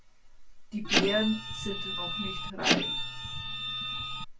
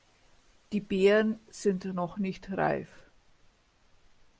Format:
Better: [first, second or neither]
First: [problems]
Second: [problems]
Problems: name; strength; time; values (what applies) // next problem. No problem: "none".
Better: second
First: background sound (Printer); 3 dB above the speech // room echo; dies away in 0.2 s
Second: none